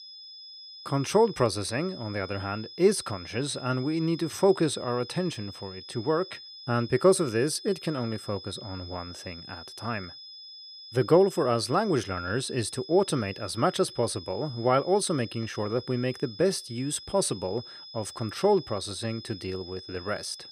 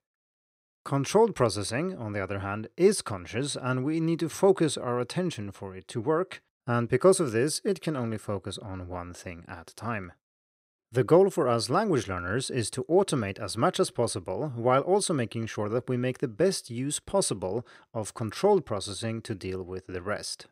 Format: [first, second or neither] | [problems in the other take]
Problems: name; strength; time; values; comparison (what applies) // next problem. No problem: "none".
second | high-pitched whine; noticeable; throughout; 5 kHz, 15 dB below the speech